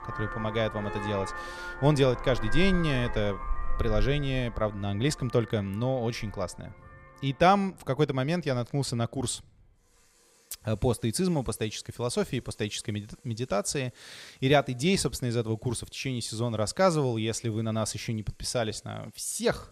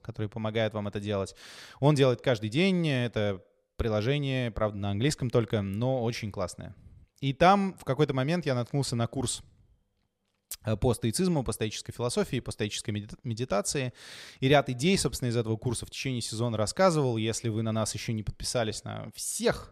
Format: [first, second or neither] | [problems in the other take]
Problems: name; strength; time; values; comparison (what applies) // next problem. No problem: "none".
second | traffic noise; loud; throughout; 10 dB below the speech